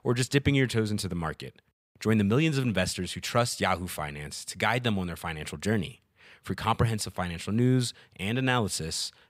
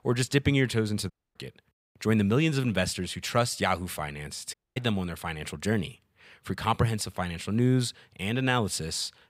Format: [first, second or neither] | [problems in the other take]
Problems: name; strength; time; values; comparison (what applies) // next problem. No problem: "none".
first | audio cutting out; at 1 s and at 4.5 s